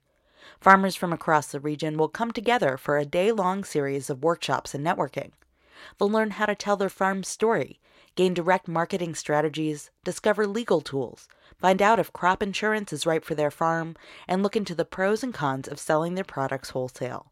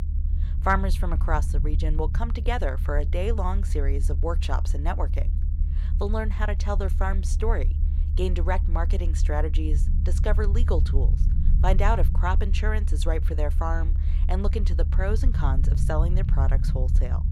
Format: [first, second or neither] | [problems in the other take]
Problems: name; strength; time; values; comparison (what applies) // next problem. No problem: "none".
first | low rumble; noticeable; throughout; 10 dB below the speech